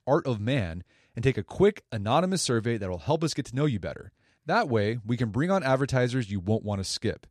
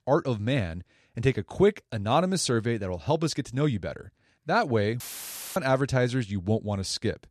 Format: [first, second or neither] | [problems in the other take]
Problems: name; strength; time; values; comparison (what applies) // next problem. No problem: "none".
first | audio cutting out; filled with static; at 5 s for 0.5 s